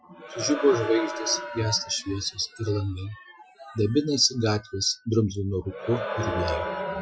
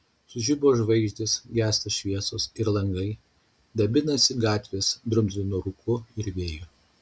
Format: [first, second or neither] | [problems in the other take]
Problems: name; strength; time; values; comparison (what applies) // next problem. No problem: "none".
second | noise reduction (classical method Wiener filter)